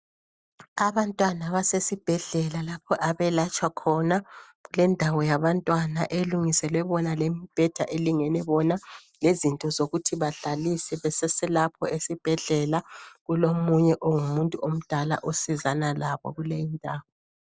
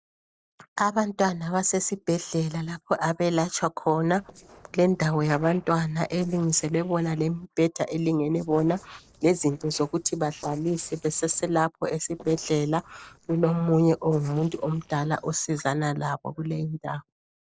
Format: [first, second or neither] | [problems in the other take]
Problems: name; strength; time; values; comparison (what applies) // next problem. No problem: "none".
first | noise reduction (neural separator model SepFormer DNS4)